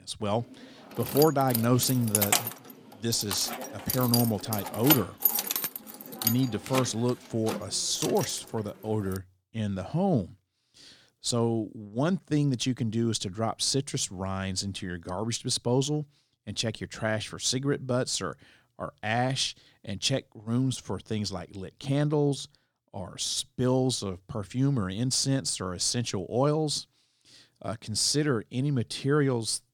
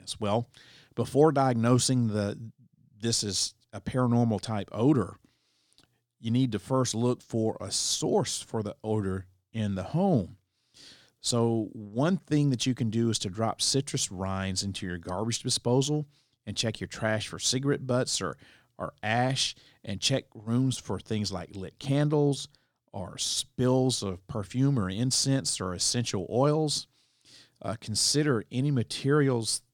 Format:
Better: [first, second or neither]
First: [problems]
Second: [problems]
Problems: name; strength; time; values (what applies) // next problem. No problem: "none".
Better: second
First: jangling keys; loud; from 1 to 8.5 s; peak 5 dB above the speech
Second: none